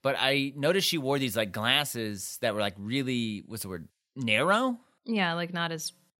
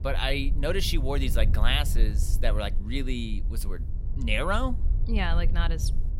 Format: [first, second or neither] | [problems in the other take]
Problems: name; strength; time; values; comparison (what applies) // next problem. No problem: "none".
first | low rumble; noticeable; throughout; 15 dB below the speech